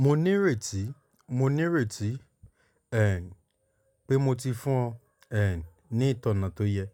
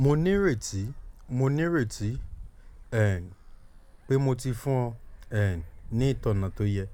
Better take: first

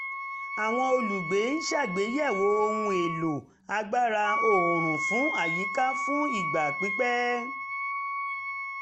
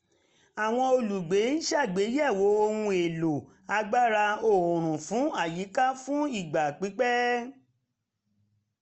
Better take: second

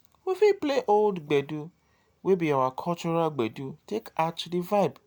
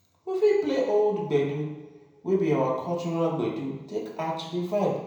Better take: first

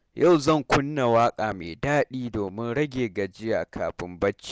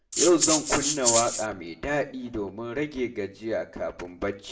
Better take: first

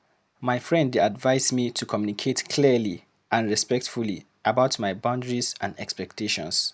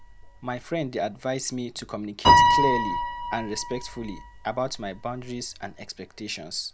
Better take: first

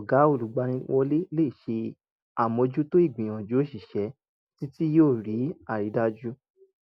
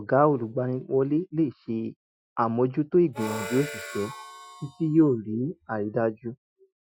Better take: first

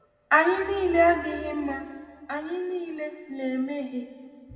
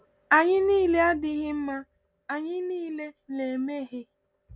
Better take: second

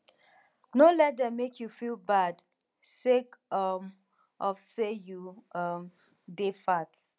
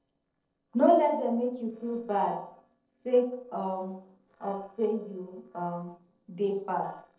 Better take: first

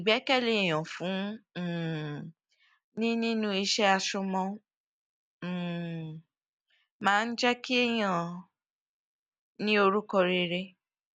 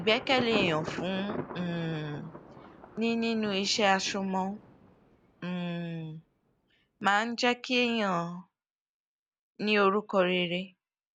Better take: first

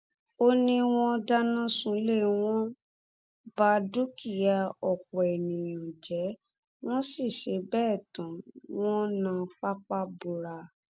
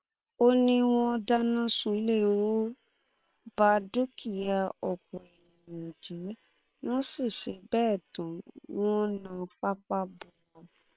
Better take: first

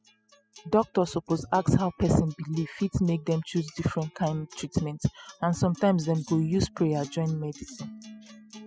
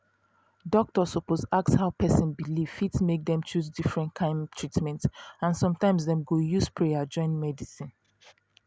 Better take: second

